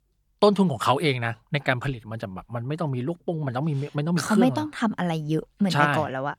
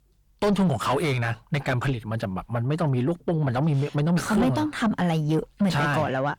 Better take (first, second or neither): first